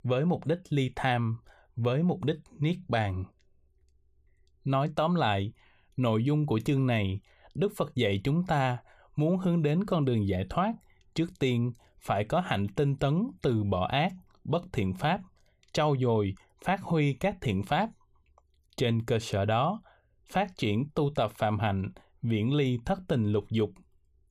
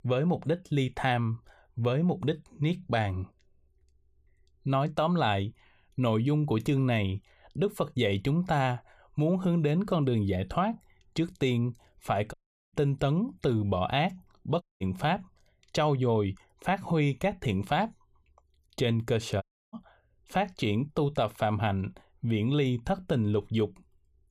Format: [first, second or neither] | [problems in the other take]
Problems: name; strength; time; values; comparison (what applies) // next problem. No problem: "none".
first | audio cutting out; at 12 s, at 15 s and at 19 s